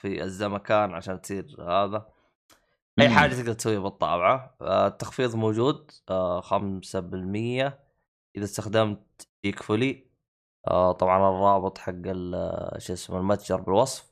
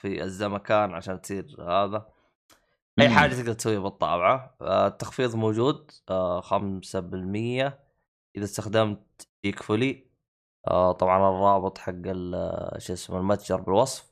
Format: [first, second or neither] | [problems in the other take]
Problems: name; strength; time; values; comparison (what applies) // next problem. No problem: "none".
neither | none